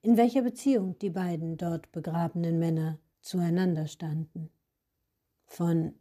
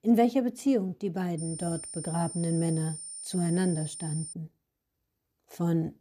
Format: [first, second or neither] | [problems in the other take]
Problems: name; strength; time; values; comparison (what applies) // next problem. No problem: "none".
first | high-pitched whine; loud; from 1.5 to 4.5 s; 9 kHz, 9 dB below the speech